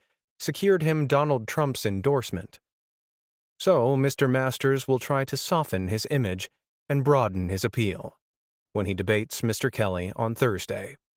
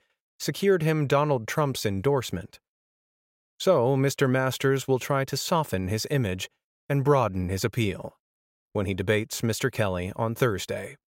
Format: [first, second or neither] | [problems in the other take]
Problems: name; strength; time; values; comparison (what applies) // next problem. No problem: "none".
second | garbled, watery; slightly; nothing above 16 kHz